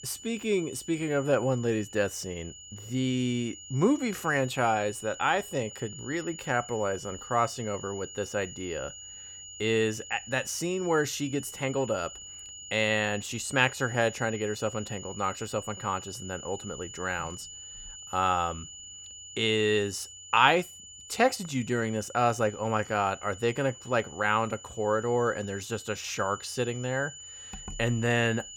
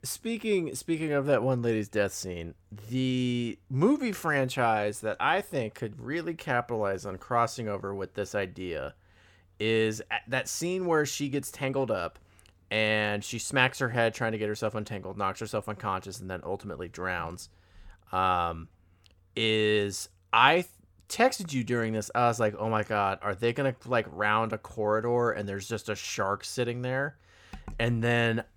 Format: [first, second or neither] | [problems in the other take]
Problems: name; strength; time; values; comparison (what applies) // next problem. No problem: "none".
second | high-pitched whine; noticeable; throughout; 7 kHz, 15 dB below the speech